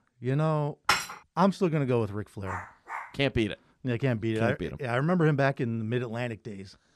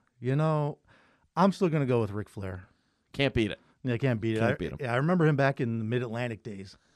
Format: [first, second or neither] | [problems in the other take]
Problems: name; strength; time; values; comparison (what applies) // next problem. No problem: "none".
second | clattering dishes; loud; at 1 s; peak 2 dB above the speech // dog barking; faint; at 2.5 s; peak 10 dB below the speech